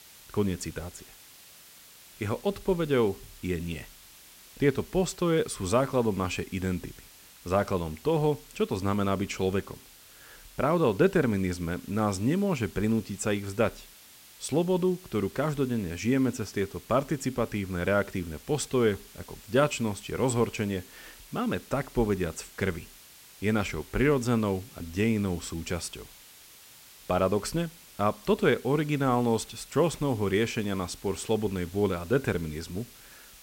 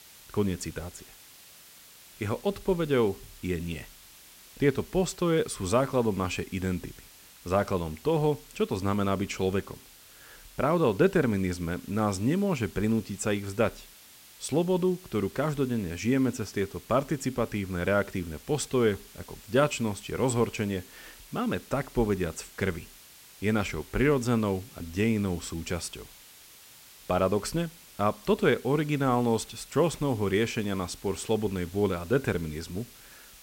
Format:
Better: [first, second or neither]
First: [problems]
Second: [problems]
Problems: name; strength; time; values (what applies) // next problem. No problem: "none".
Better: neither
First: hiss; faint; throughout; 20 dB below the speech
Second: hiss; faint; throughout; 20 dB below the speech